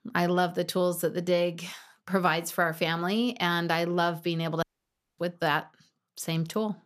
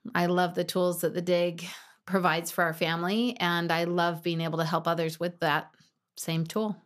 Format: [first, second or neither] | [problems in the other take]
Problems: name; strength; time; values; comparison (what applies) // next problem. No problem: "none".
second | audio cutting out; at 4.5 s for 0.5 s